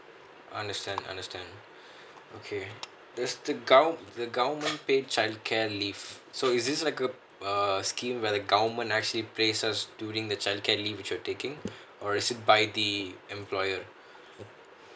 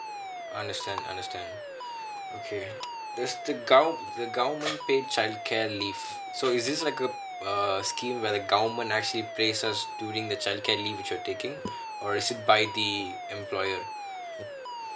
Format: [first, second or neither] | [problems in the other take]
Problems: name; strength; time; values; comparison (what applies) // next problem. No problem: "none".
first | background sound (Alarm); 8 dB below the speech